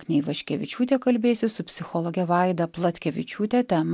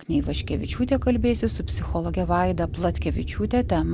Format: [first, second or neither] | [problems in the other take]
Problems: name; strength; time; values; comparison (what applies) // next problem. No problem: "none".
first | background sound (Wind); 4 dB below the speech